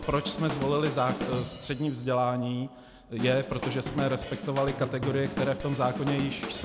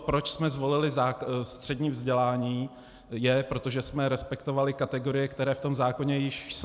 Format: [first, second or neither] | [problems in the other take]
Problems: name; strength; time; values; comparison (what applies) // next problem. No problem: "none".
second | background sound (Drum / Drum kit); 7 dB below the speech